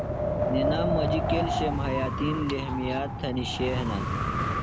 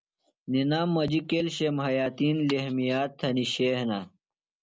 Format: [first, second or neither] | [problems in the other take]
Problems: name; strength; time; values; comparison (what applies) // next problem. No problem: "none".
second | background sound (Wind); 3 dB above the speech